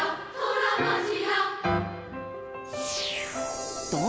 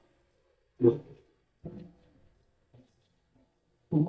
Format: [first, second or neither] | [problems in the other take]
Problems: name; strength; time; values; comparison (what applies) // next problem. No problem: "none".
first | noise reduction (neural mask model DeepFilterNet 3)